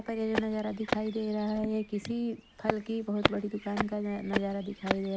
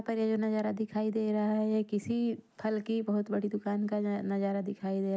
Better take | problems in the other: second | background sound (Walk, footsteps); 4 dB below the speech

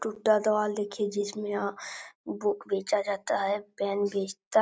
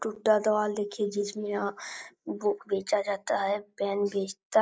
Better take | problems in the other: first | noise reduction (neural mask model Resemble Enhance denoiser)

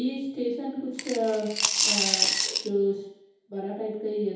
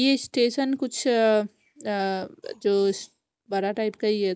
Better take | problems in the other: second | background sound (Coin (dropping) / Glass); 3 dB above the speech // room echo; dies away in 2.2 s

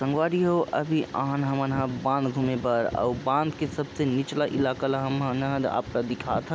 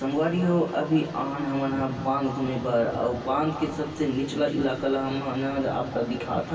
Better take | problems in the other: first | room echo; dies away in 2.6 s

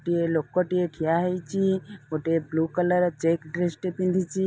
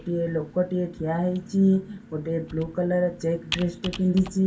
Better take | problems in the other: first | background sound (Computer keyboard); 16 dB below the speech // room echo; dies away in 0.2 s

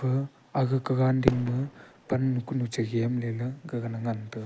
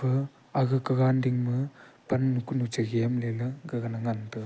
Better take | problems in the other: second | background sound (Fireworks); 7 dB below the speech

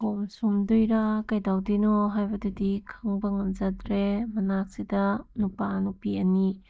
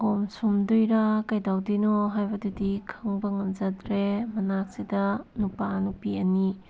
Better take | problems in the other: second | noise reduction (neural mask model DeepFilterNet 3)

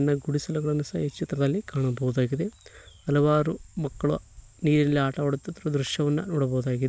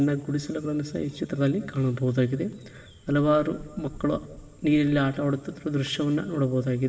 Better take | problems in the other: first | room echo; dies away in 1.4 s

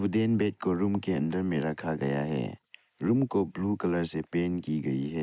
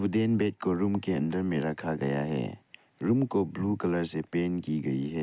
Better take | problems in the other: second | noise reduction (neural mask model Resemble Enhance denoiser)

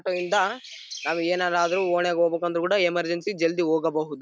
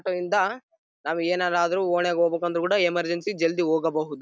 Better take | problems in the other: second | background sound (Chirp, tweet); 15 dB below the speech

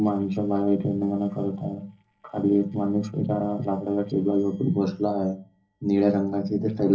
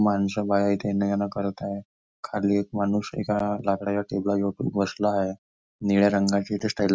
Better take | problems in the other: second | noise reduction (neural separator model SepFormer DNS4)

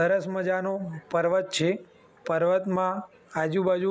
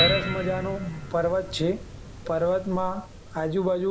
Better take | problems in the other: first | background sound (Piano); 5 dB below the speech // room echo; dies away in 0.3 s

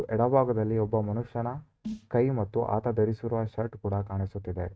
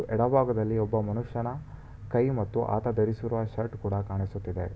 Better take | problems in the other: second | noise reduction (neural mask model RNNoise)

